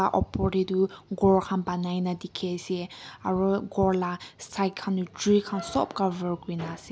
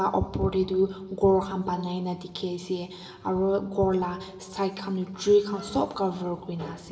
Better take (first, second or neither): first